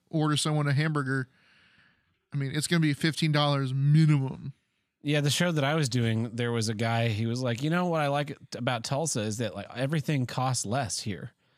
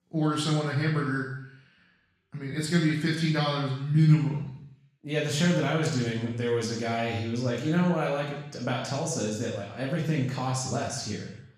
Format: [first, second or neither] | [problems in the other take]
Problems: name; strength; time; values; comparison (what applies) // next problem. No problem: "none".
first | room echo; noticeable; dies away in 0.7 s // off-mic speech; far